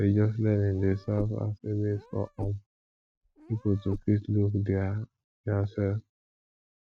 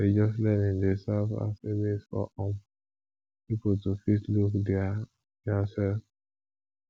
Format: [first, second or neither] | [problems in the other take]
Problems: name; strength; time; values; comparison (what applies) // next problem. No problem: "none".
second | noise reduction (neural mask model RNNoise)